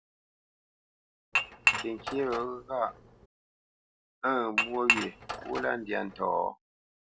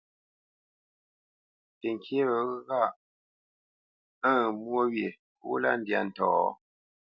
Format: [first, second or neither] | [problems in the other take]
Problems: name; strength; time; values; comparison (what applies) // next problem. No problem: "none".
second | background sound (Dishes, pots, and pans / Chink, clink); 2 dB above the speech